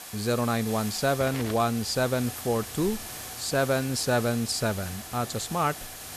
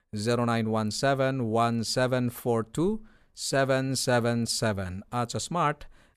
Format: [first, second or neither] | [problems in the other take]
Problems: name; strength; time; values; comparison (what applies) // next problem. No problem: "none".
second | hiss; loud; throughout; 10 dB below the speech